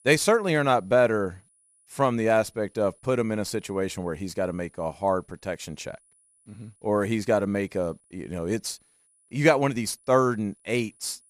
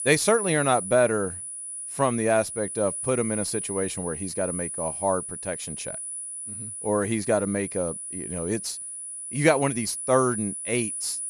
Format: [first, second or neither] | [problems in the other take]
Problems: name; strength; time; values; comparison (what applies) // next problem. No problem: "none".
first | high-pitched whine; loud; throughout; 10 kHz, 6 dB below the speech; faint in the first